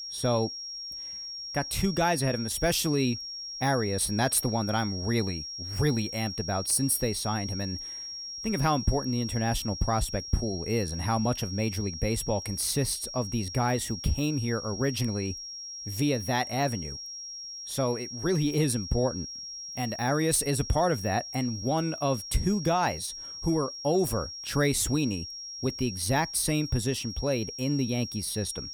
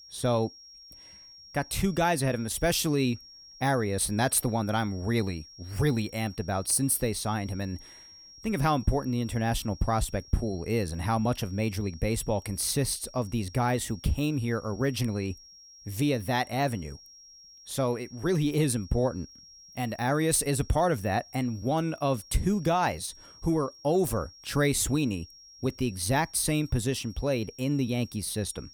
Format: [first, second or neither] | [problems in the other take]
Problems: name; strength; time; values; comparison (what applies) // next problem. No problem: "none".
second | high-pitched whine; loud; throughout; 5.5 kHz, 8 dB below the speech; faint in the second